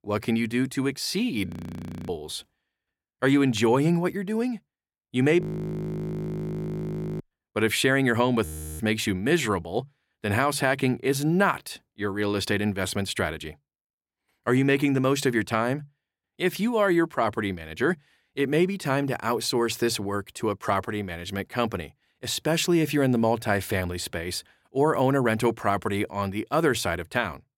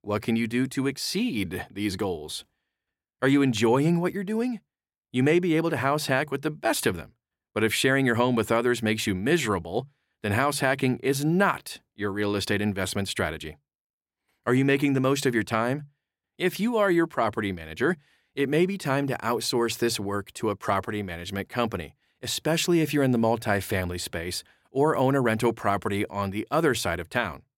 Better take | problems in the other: second | audio freezing; at 1.5 s for 0.5 s, at 5.5 s for 2 s and at 8.5 s

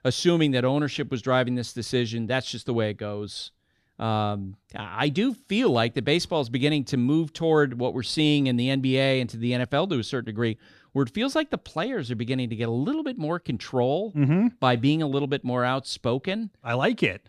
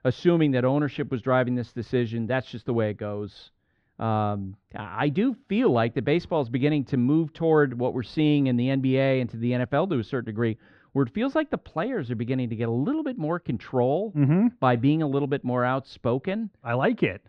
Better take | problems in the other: first | muffled; very; fading above 2 kHz

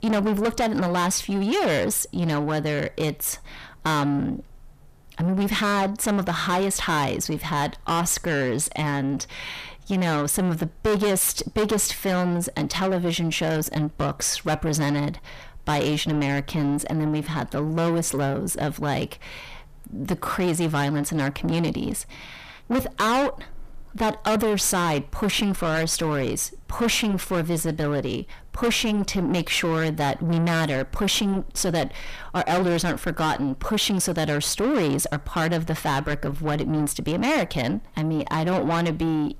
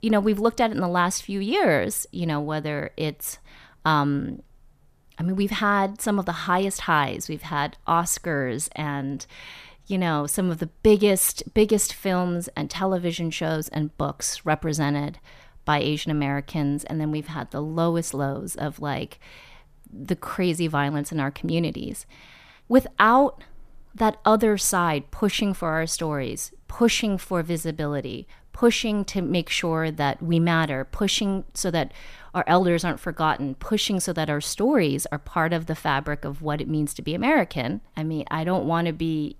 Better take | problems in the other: second | distortion; heavy; 6 dB below the speech

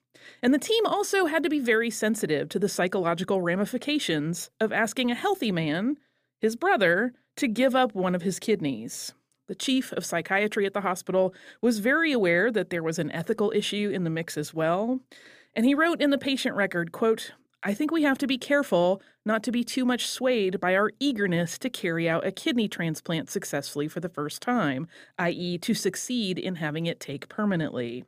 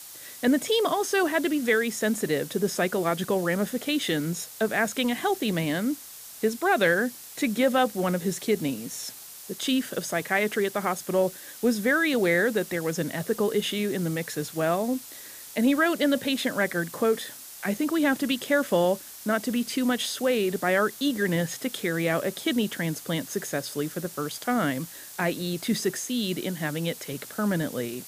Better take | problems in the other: first | hiss; noticeable; throughout; 15 dB below the speech

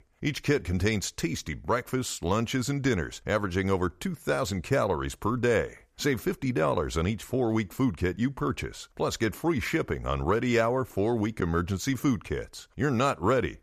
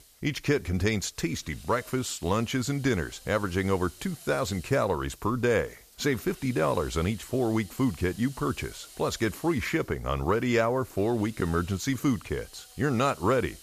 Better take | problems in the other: first | hiss; faint; throughout; 20 dB below the speech

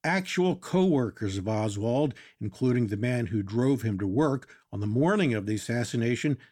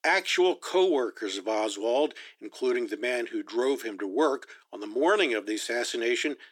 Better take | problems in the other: first | thin; very; fading below 350 Hz

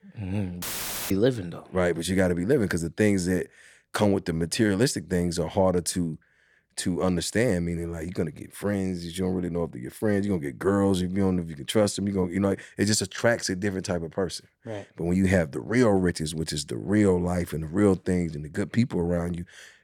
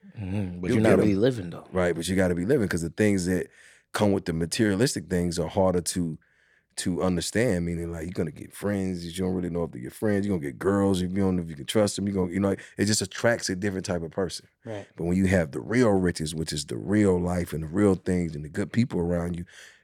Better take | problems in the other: second | audio cutting out; filled with static; at 0.5 s

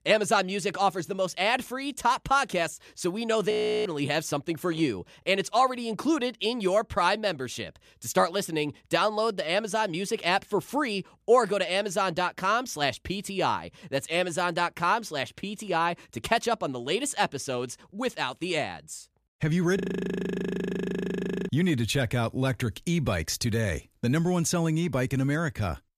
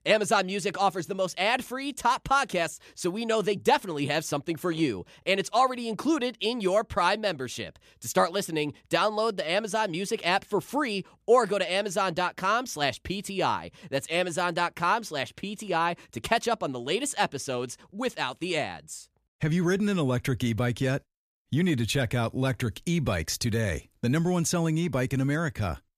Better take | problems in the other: second | audio freezing; at 3.5 s and at 20 s for 1.5 s

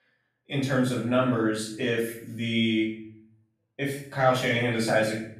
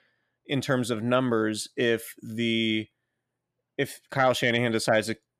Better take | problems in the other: second | room echo; noticeable; dies away in 0.6 s // off-mic speech; far

